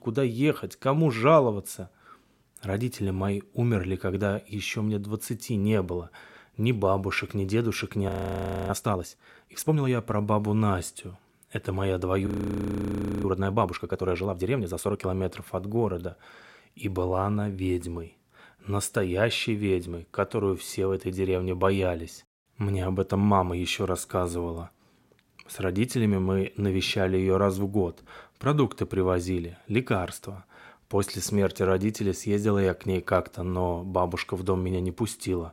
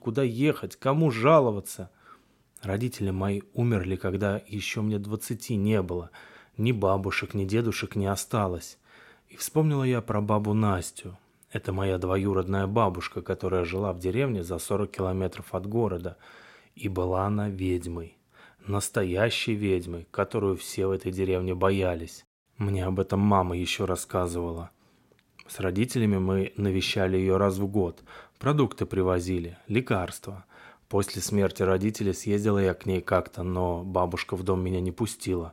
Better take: second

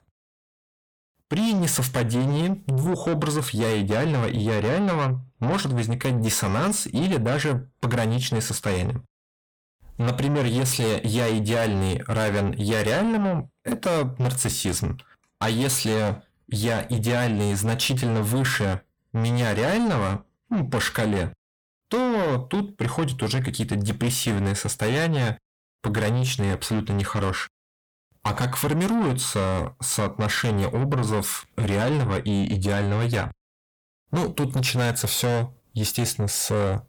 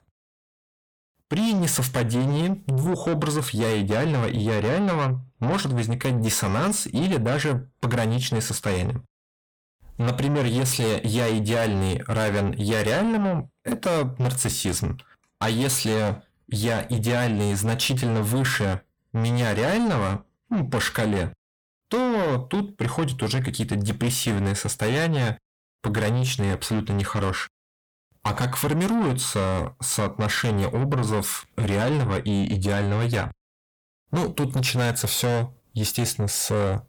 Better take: neither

